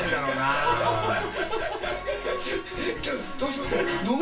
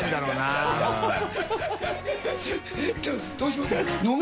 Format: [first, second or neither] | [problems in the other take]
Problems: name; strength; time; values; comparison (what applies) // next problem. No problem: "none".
second | room echo; dies away in 0.2 s